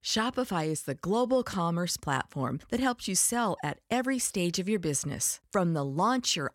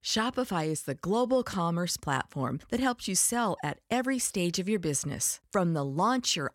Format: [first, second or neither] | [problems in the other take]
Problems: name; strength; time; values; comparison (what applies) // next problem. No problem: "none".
neither | none